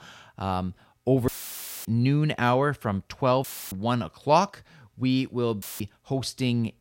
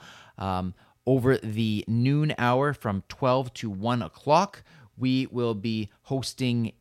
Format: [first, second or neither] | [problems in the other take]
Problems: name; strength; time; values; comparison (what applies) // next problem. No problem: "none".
second | audio cutting out; filled with static; at 1.5 s for 0.5 s, at 3.5 s and at 5.5 s